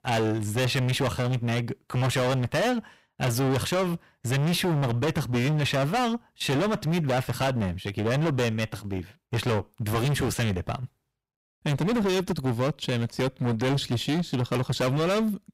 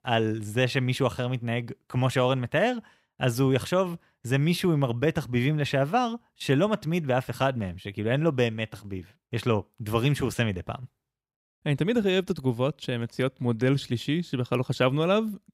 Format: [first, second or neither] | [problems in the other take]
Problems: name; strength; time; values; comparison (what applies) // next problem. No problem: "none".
second | distortion; heavy; 27% of the sound clipped